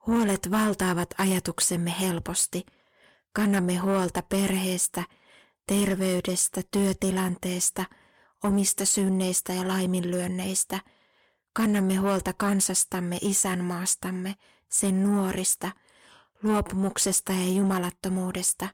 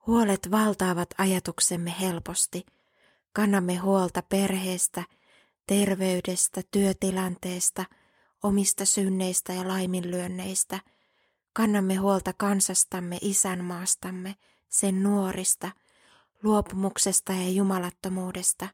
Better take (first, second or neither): second